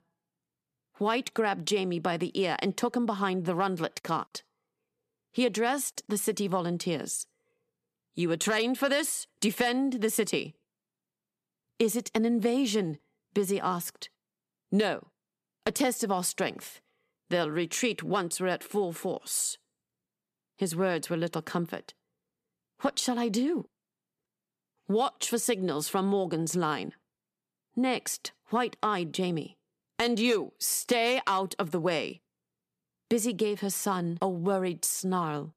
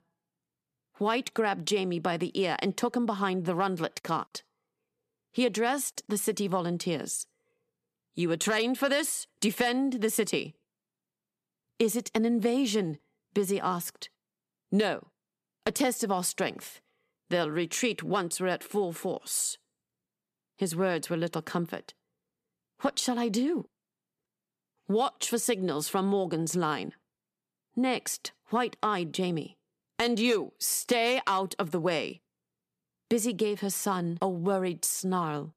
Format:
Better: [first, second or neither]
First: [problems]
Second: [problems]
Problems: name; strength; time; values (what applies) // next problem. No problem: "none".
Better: neither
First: none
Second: none